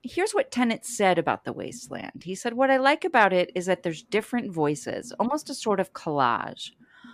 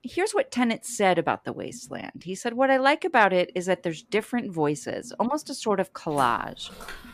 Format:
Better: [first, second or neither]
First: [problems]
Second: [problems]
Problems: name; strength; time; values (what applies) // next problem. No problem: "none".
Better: first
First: none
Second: footsteps; faint; from 6 s on; peak 15 dB below the speech